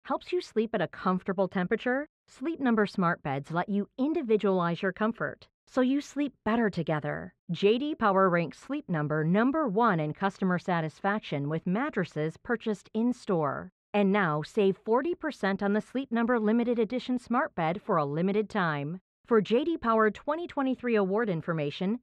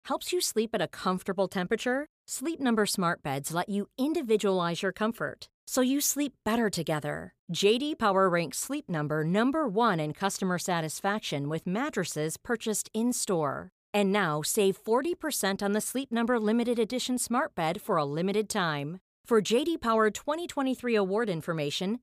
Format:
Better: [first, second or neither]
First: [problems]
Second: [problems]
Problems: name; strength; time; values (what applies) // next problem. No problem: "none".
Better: second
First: muffled; very; fading above 2 kHz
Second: none